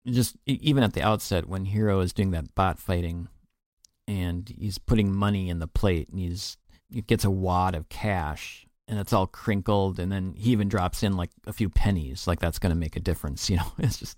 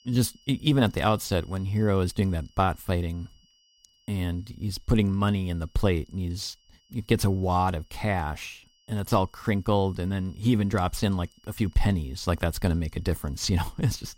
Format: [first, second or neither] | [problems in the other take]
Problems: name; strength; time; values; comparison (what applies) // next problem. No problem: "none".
first | high-pitched whine; faint; throughout; 3 kHz, 35 dB below the speech